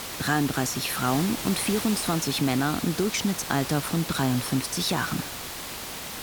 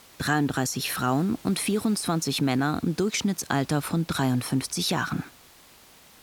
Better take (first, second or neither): second